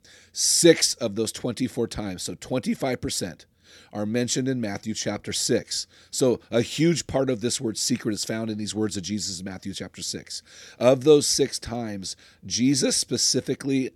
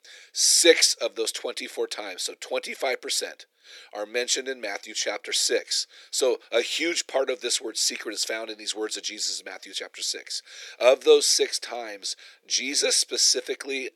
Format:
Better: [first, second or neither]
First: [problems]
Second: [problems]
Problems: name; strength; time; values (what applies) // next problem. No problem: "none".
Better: first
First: none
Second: thin; very; fading below 400 Hz